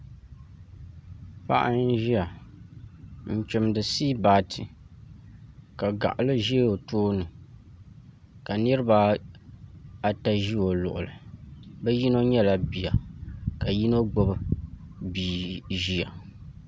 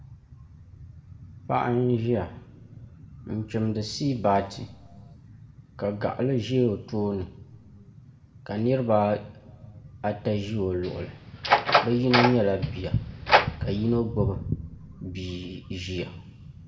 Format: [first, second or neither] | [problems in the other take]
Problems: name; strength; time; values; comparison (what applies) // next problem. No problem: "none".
first | background sound (Door); 2 dB above the speech // room echo; dies away in 1 s